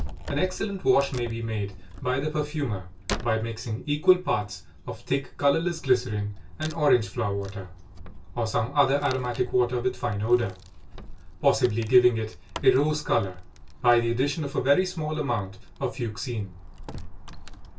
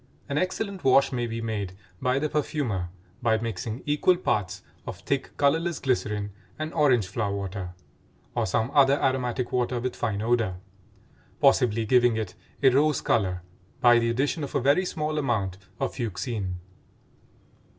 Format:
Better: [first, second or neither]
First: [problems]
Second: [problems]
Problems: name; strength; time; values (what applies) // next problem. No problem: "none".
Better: second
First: background sound (Wood); 13 dB below the speech // room echo; dies away in 0.2 s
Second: none